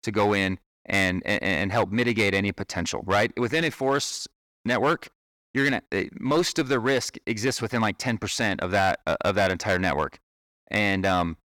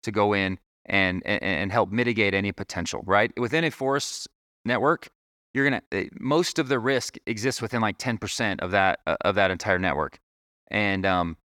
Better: second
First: distortion; slight; 6% of the sound clipped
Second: none

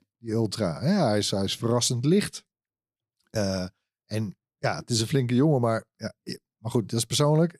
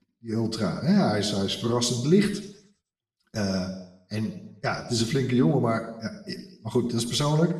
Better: first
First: none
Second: room echo; slight; dies away in 0.7 s // off-mic speech; far

